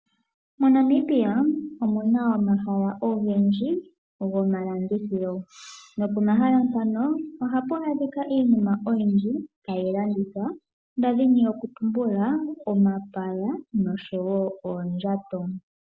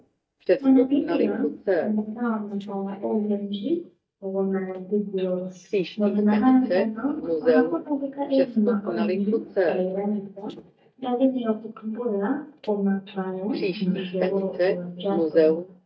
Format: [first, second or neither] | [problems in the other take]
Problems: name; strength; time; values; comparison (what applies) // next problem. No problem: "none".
first | noise reduction (neural mask model DeepFilterNet 3)